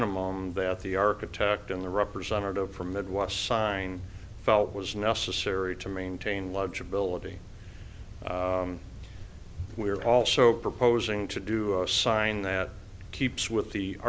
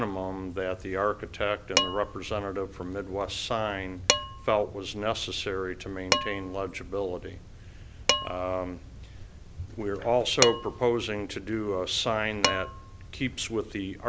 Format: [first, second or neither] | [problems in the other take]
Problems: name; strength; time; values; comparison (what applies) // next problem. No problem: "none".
first | background sound (Dishes, pots, and pans); 4 dB below the speech